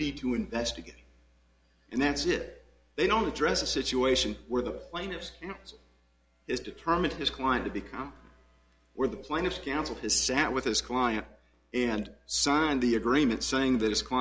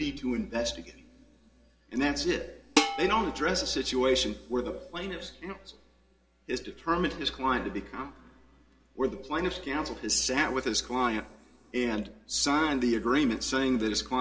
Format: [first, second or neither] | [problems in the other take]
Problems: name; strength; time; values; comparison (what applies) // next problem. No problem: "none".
first | background sound (Dishes, pots, and pans); 3 dB below the speech // room echo; dies away in 1.7 s